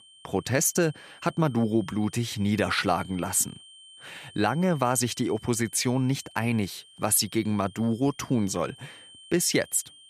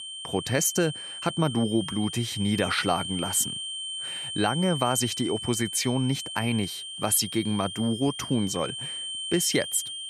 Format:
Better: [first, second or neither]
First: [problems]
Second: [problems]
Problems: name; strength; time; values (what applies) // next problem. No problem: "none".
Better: first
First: high-pitched whine; faint; throughout; 3 kHz, 25 dB below the speech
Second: high-pitched whine; loud; throughout; 3 kHz, 6 dB below the speech